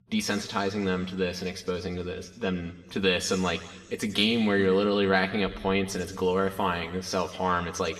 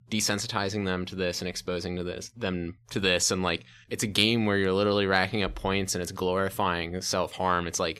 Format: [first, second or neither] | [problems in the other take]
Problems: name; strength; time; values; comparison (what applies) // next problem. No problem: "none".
second | room echo; slight; dies away in 1.6 s